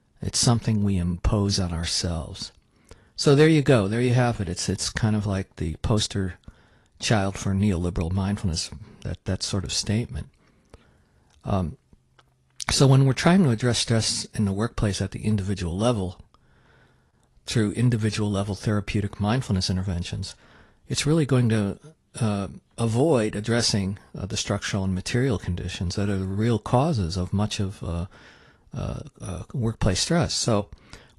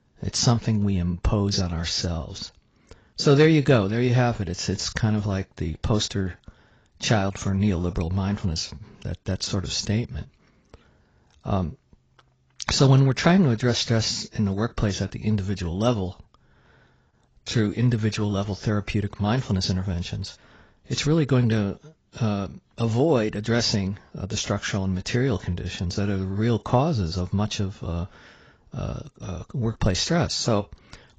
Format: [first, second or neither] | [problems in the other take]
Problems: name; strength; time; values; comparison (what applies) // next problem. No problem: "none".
first | garbled, watery; badly; nothing above 7.5 kHz; slightly in the first